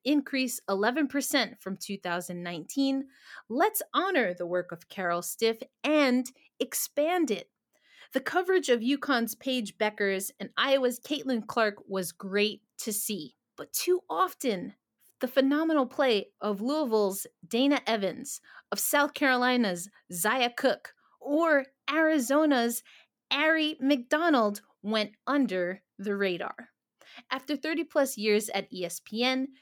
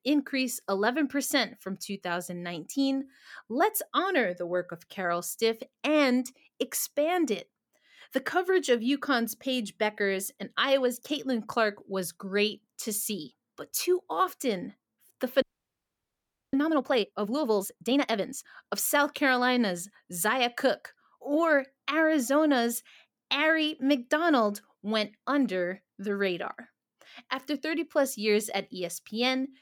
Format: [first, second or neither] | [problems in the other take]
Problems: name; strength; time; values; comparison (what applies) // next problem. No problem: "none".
first | audio freezing; at 15 s for 1 s